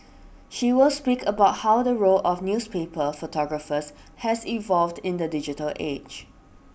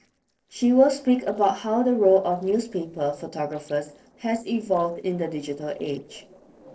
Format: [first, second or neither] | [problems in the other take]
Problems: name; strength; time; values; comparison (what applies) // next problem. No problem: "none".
first | noise reduction (neural separator model SepFormer DNS4)